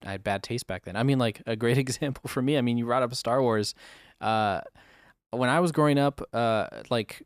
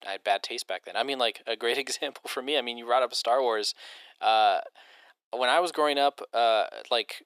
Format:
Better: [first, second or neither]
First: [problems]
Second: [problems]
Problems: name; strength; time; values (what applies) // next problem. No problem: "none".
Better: first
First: none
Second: thin; very; fading below 400 Hz